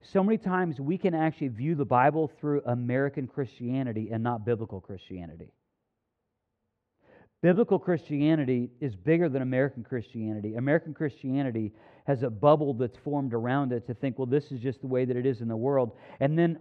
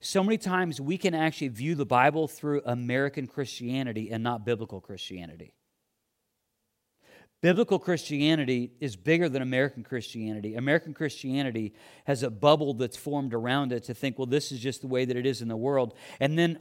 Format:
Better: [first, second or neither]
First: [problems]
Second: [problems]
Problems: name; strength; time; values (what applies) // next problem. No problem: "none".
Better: second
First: muffled; very; fading above 1.5 kHz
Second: none